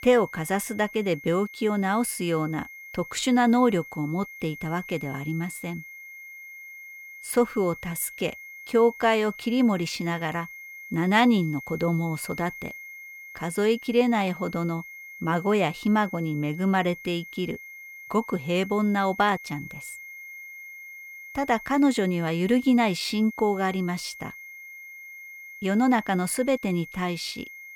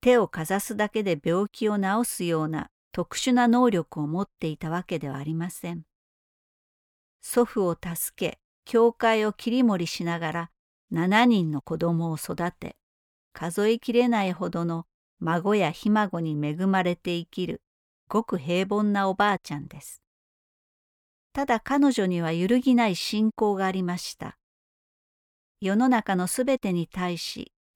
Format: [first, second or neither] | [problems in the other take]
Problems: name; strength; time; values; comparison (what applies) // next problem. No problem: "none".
second | high-pitched whine; noticeable; throughout; 2 kHz, 15 dB below the speech